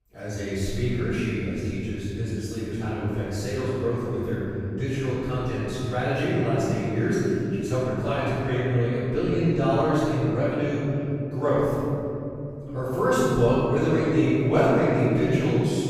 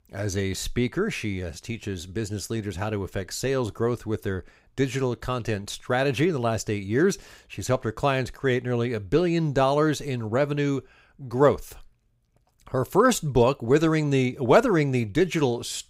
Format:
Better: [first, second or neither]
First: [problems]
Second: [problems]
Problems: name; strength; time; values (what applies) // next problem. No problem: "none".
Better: second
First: room echo; strong; dies away in 3 s // off-mic speech; far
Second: none